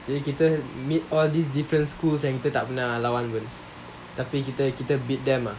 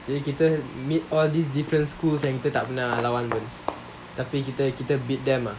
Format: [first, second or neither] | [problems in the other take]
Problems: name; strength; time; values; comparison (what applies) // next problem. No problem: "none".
first | background sound (Walk, footsteps); 12 dB below the speech